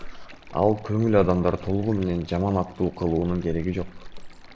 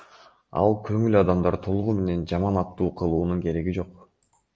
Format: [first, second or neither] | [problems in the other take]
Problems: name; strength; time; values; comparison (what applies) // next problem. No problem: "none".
second | background sound (Stream); 14 dB below the speech